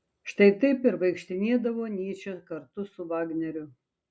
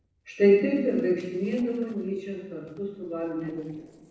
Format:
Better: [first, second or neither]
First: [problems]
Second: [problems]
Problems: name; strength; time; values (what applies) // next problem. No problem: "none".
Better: first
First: none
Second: noise reduction (neural separator model SepFormer DNS4)